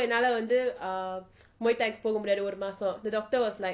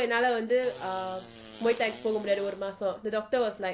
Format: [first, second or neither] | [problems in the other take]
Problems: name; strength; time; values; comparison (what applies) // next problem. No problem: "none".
first | background sound (Fart); 19 dB below the speech